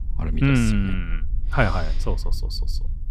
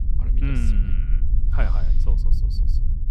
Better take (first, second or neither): first